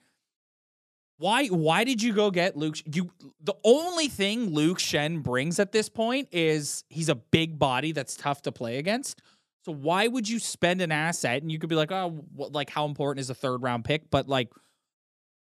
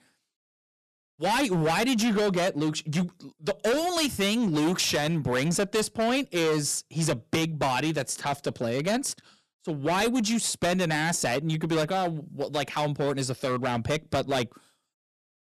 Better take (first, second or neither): first